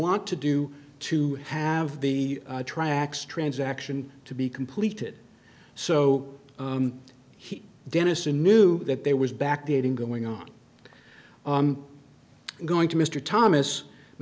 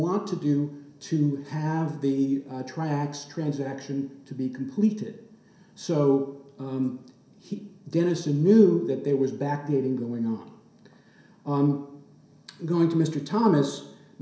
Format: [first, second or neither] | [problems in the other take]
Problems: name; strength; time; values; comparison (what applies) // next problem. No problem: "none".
first | room echo; dies away in 0.7 s